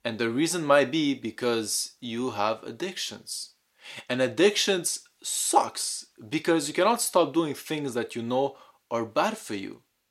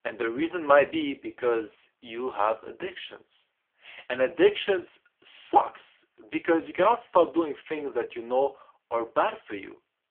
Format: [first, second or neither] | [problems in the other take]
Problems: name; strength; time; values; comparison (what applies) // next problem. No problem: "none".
first | phone-call audio; poor line; nothing above 3.5 kHz